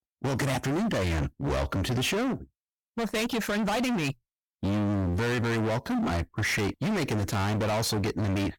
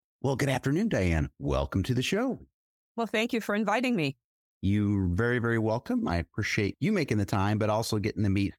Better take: second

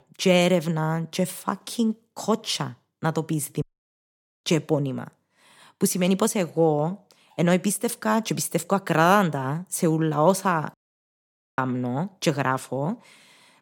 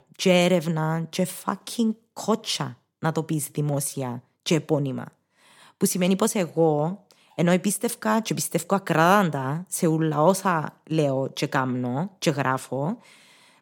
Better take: second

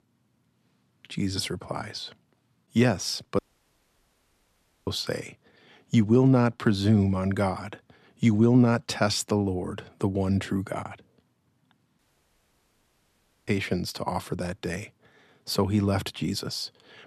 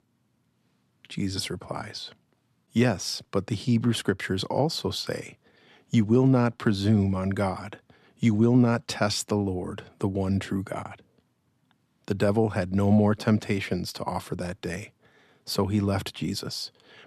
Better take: second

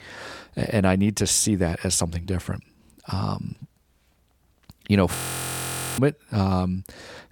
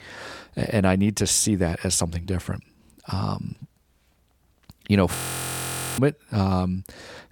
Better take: neither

